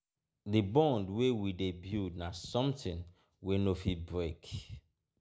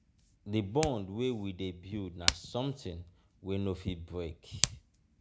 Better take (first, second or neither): first